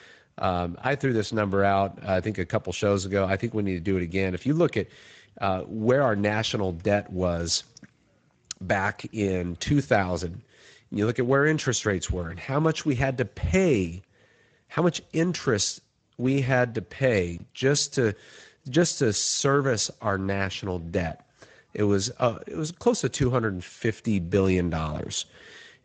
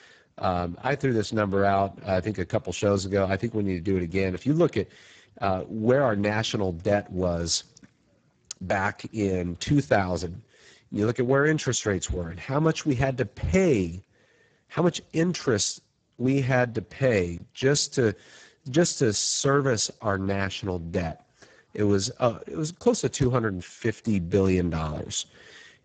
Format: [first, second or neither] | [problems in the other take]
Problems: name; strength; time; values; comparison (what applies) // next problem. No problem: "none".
first | garbled, watery; badly; nothing above 7.5 kHz; slightly in the first